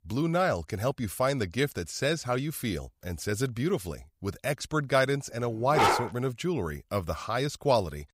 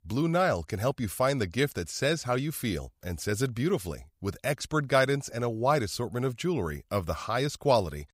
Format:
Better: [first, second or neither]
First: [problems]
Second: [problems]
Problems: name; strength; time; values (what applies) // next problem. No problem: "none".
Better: second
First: dog barking; loud; at 5.5 s; peak 5 dB above the speech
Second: none